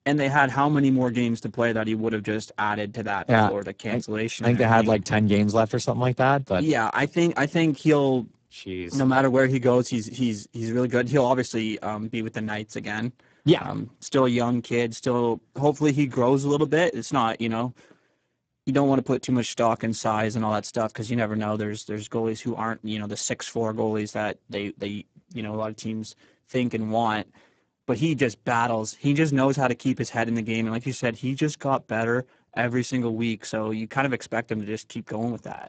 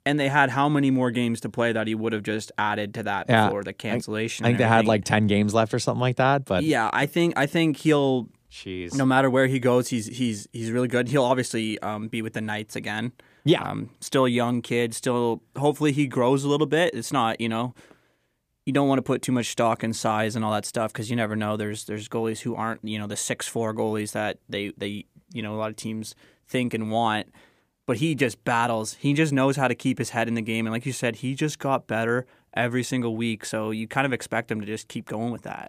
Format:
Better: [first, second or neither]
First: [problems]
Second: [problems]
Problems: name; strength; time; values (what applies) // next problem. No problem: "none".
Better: second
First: garbled, watery; badly; nothing above 7.5 kHz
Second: none